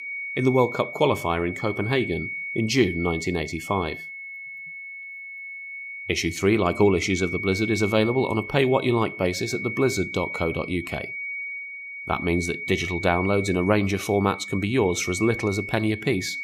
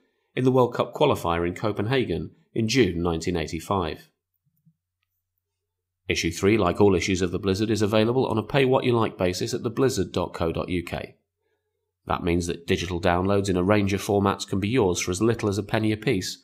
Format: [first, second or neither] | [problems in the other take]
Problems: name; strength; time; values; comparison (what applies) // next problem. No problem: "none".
second | high-pitched whine; loud; throughout; 2 kHz, 8 dB below the speech